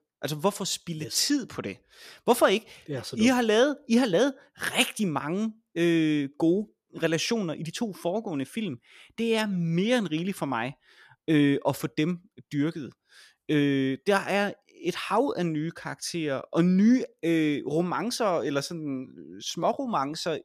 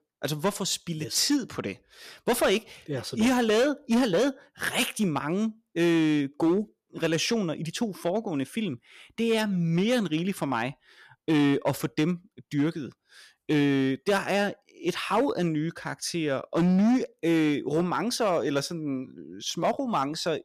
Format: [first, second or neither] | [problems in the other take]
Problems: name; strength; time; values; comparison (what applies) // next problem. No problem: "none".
first | distortion; slight; 6% of the sound clipped